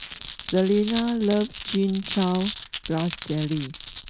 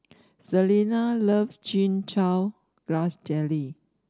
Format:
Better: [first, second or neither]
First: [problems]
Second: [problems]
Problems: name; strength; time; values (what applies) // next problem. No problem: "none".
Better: second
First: background sound (Glass); 11 dB below the speech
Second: none